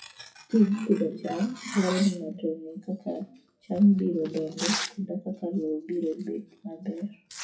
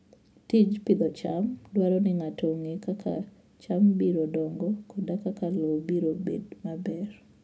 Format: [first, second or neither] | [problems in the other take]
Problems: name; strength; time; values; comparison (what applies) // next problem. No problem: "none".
second | noise reduction (classical method WPE with log-MMSE)